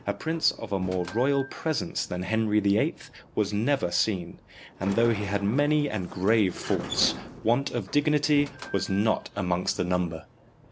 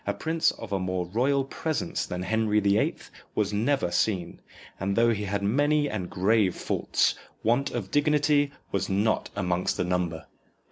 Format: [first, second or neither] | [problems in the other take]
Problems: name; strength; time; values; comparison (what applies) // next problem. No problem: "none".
second | background sound (Sliding door); 16 dB below the speech